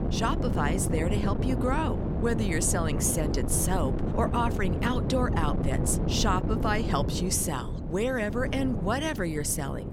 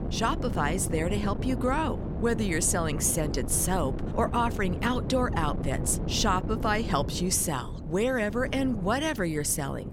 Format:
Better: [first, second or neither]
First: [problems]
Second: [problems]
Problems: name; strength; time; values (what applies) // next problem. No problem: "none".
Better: second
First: wind noise on the microphone; heavy; 7 dB below the speech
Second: wind noise on the microphone; occasional gusts; 10 dB below the speech